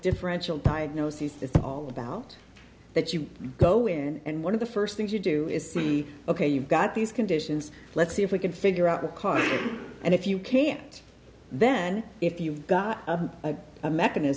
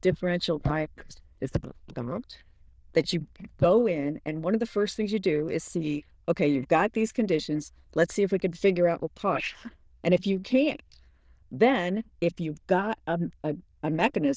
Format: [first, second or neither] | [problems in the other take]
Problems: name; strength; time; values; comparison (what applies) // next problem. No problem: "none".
first | noise reduction (neural diffusion model UNIVERSE++)